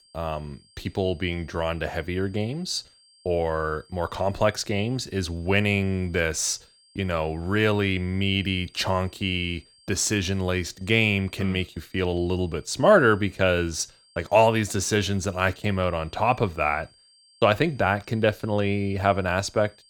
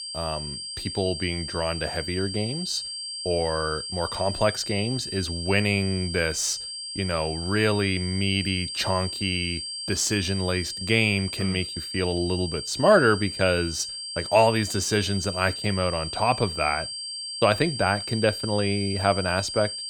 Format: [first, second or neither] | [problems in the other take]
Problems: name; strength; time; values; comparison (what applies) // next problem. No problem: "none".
first | high-pitched whine; loud; throughout; 4.5 kHz, 6 dB below the speech; faint in the first